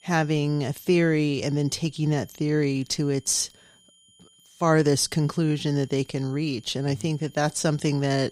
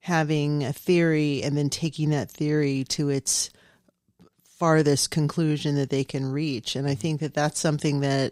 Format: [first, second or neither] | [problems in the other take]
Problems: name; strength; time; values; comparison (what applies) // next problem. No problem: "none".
second | high-pitched whine; faint; throughout; 3 kHz, 30 dB below the speech